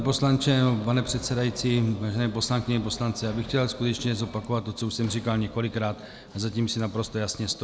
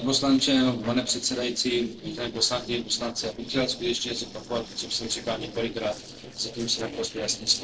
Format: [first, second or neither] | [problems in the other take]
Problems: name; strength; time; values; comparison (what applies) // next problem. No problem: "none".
first | noise reduction (neural separator model SepFormer DNS4)